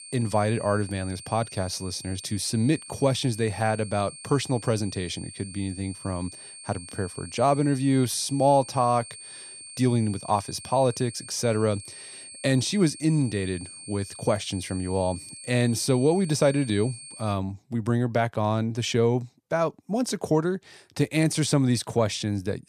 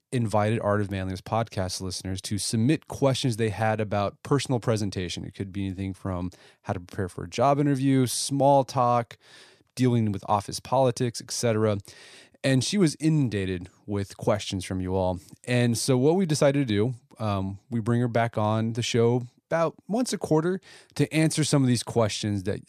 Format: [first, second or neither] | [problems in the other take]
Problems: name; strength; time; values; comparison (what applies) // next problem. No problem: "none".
second | high-pitched whine; noticeable; until 17 s; 8.5 kHz, 15 dB below the speech